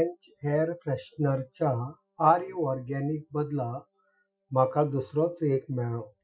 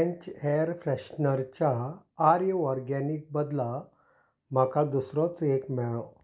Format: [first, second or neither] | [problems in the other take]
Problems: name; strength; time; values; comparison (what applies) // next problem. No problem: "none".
second | noise reduction (classical method Wiener filter)